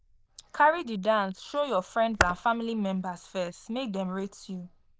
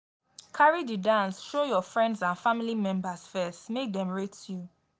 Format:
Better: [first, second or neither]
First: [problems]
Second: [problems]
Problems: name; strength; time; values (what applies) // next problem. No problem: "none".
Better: second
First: noise reduction (neural diffusion model UNIVERSE++)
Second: none